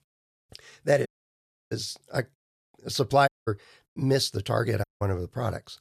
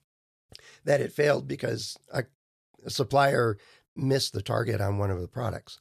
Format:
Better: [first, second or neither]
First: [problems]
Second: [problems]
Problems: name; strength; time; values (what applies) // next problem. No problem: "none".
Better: second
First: audio cutting out; at 1 s for 0.5 s, at 3.5 s and at 5 s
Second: none